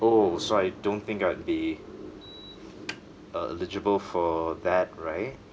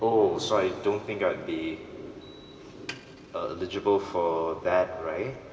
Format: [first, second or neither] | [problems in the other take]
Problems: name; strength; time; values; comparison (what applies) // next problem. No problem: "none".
first | room echo; dies away in 2.3 s